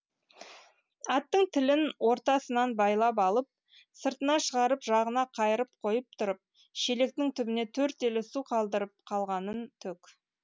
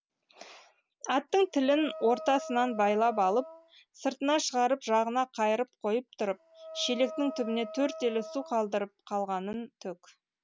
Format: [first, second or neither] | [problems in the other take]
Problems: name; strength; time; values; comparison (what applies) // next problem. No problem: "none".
first | background sound (Wind instrument, woodwind instrument); 14 dB below the speech